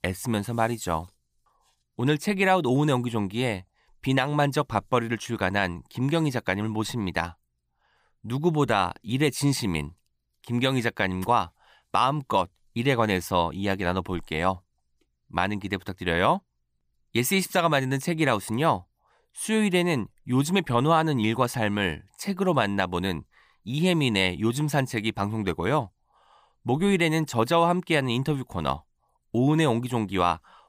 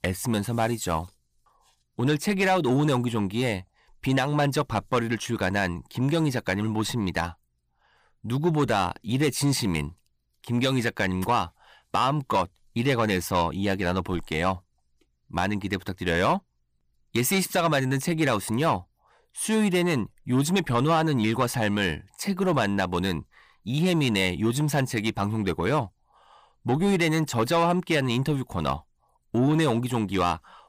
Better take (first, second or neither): first